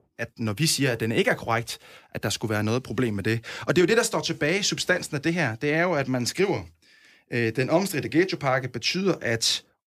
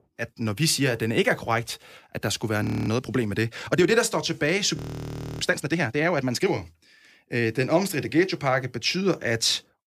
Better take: first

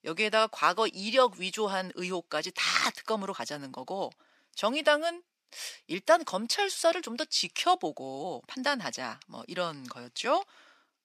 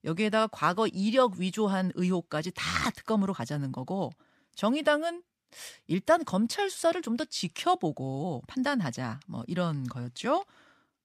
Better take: second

